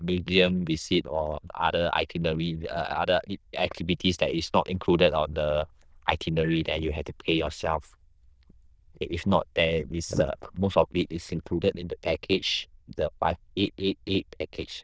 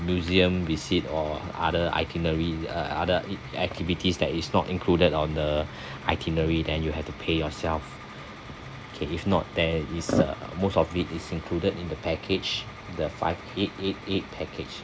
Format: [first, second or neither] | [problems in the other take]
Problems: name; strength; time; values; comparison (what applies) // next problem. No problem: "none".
second | noise reduction (neural diffusion model UNIVERSE++)